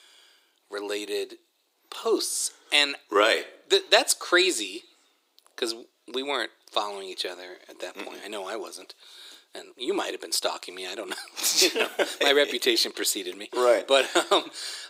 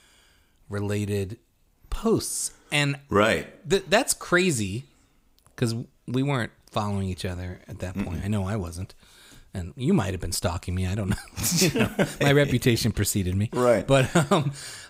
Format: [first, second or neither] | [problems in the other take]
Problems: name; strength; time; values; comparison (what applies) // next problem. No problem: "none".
second | thin; very; fading below 350 Hz